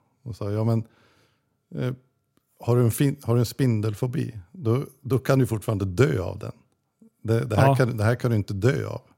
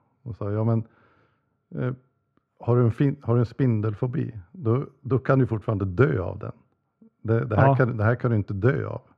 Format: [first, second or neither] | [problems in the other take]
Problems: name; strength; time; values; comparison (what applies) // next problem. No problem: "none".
first | muffled; very; fading above 2 kHz